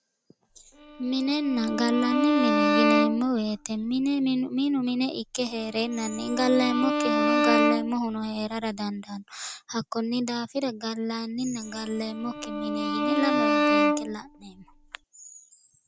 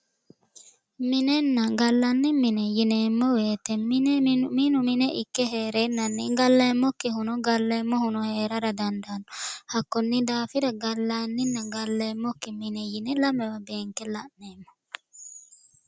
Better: second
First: background sound (Bowed string instrument); 1 dB above the speech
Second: none

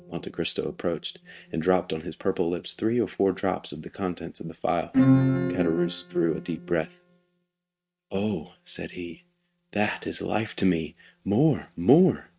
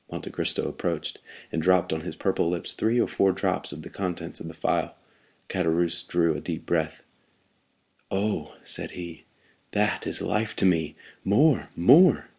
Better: second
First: noise reduction (neural mask model RNNoise)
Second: none

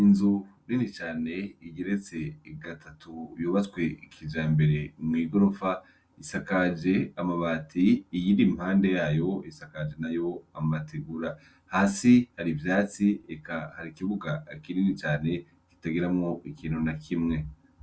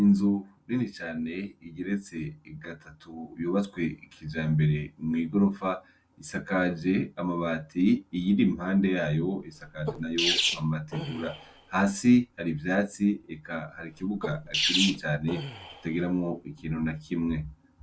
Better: first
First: none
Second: background sound (Sneeze); 6 dB below the speech

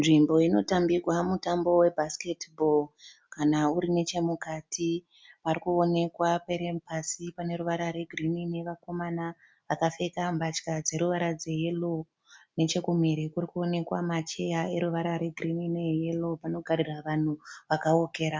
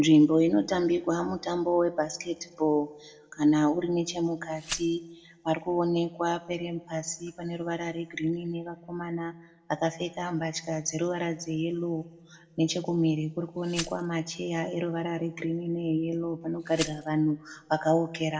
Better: first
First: none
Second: background sound (Glass); 15 dB below the speech // room echo; dies away in 0.9 s

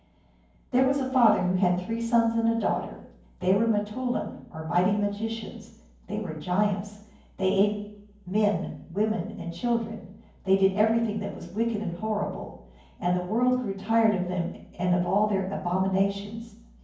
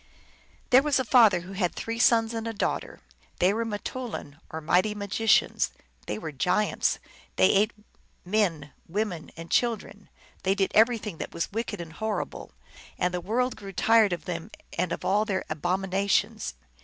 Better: second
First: room echo; dies away in 0.9 s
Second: none

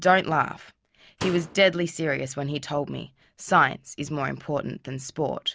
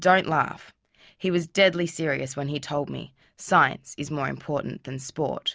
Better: second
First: background sound (Slam); 13 dB below the speech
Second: none

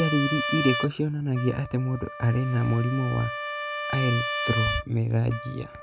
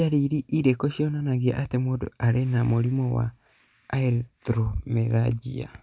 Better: second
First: background sound (Trumpet); 6 dB below the speech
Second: none

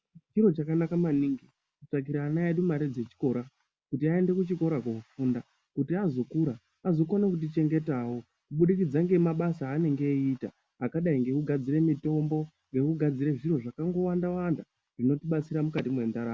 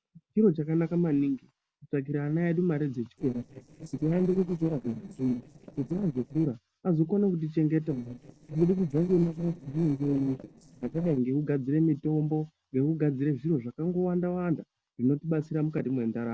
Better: first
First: none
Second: noise reduction (neural separator model SepFormer DNS4)

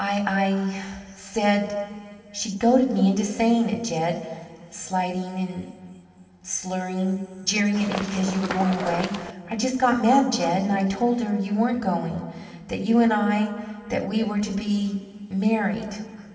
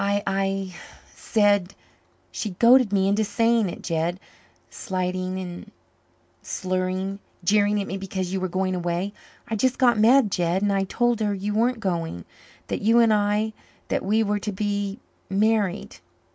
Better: second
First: background sound (Run); 7 dB below the speech // room echo; dies away in 2.7 s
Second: none

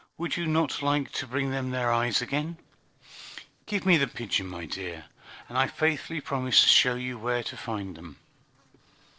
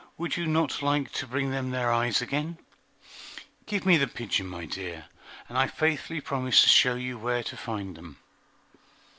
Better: second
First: noise reduction (neural separator model SepFormer DNS4)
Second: none

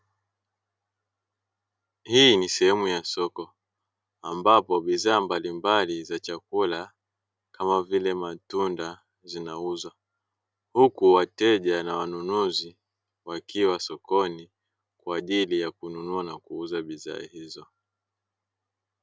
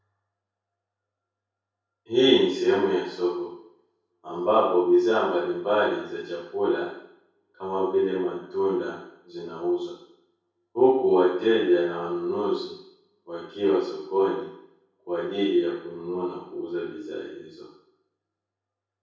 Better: first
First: none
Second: room echo; dies away in 0.7 s

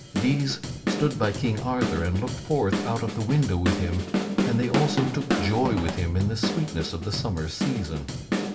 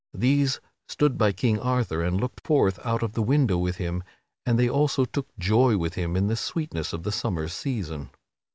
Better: second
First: background sound (Drum / Drum kit); 2 dB below the speech // room echo; dies away in 0.7 s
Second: none

